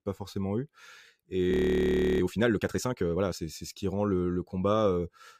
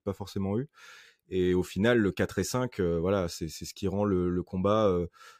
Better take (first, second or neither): second